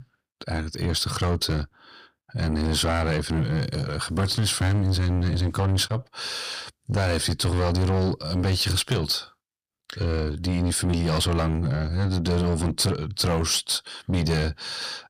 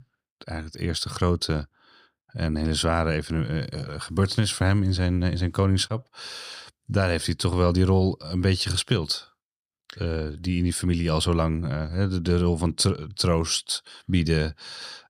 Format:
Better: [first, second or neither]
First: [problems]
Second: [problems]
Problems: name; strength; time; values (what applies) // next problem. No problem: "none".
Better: second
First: distortion; heavy; 7 dB below the speech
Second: none